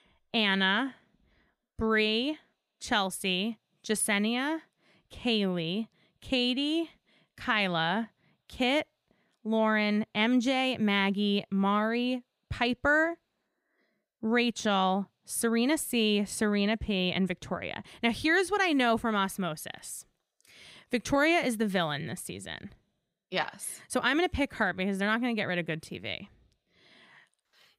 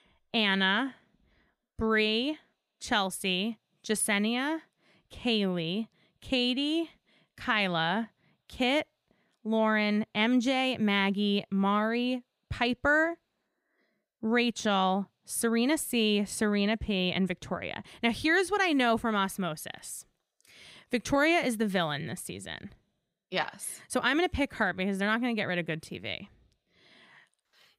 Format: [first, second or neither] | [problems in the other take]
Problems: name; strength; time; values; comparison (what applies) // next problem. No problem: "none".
neither | none